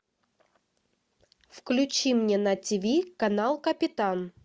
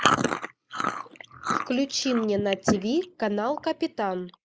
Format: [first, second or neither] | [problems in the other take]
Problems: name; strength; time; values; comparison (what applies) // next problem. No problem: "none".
first | noise reduction (neural mask model Resemble Enhance denoiser)